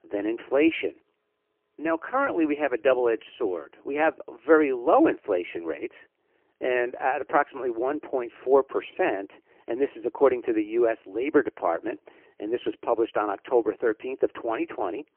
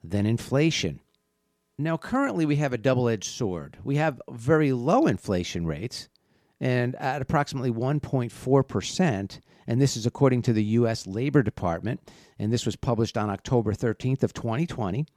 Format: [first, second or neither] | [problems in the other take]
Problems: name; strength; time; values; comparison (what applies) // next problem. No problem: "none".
second | phone-call audio; poor line; nothing above 3 kHz